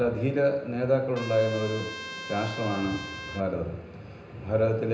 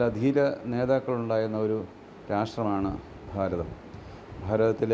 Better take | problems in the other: second | background sound (Trumpet); 12 dB below the speech // room echo; dies away in 0.9 s

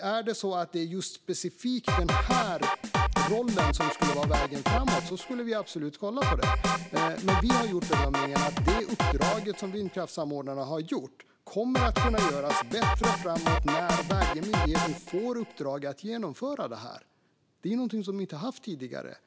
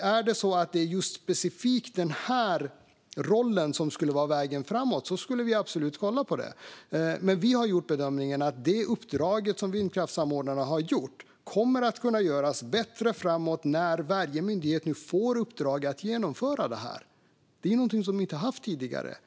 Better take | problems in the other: second | background sound (Drum kit); 4 dB above the speech

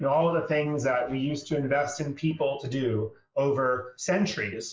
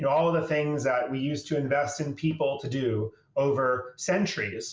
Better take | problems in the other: second | noise reduction (neural mask model Resemble Enhance denoiser)

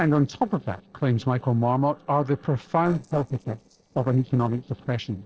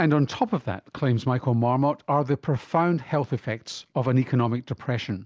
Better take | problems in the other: second | noise reduction (neural separator model SepFormer DNS4)

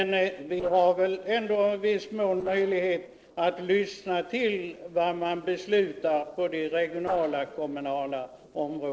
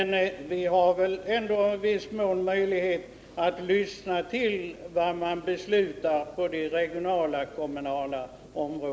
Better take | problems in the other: second | noise reduction (neural separator model SepFormer DNS4)

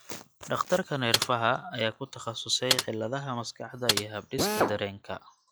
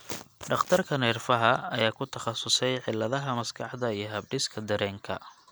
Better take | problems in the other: second | noise reduction (classical method log-MMSE)

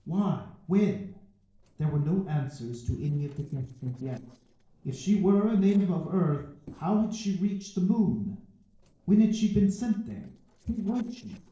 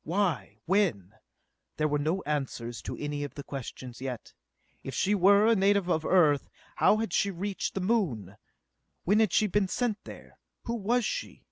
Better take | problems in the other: second | noise reduction (neural separator model SepFormer DNS4)

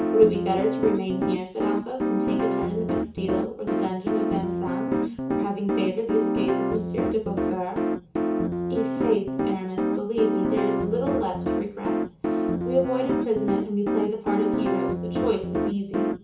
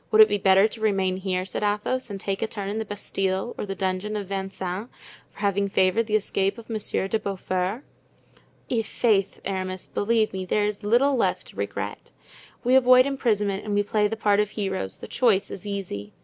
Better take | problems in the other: second | background sound (Piano); 2 dB above the speech // room echo; dies away in 0.7 s

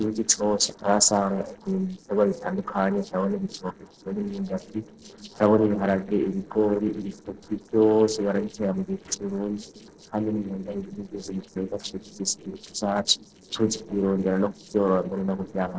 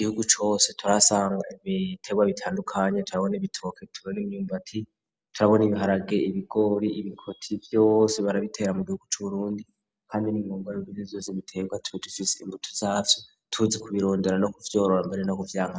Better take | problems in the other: second | noise reduction (neural separator model SepFormer DNS4)

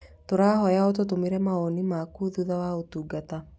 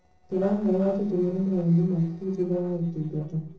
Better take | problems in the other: first | noise reduction (neural separator model SepFormer DNS4)

